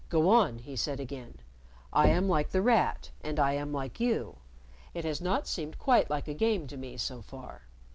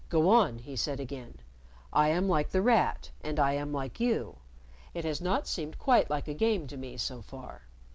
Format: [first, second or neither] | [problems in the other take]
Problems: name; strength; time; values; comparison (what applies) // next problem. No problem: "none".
second | background sound (Knock); 7 dB below the speech